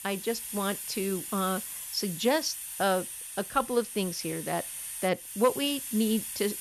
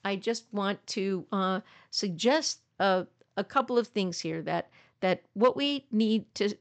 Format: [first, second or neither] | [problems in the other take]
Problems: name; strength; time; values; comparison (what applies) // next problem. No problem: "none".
second | hiss; loud; throughout; 6 dB below the speech